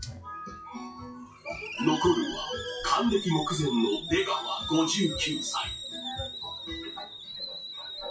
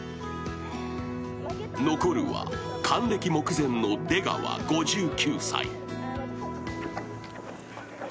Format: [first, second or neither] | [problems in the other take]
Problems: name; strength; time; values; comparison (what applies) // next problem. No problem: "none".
second | noise reduction (classical method WPE with log-MMSE)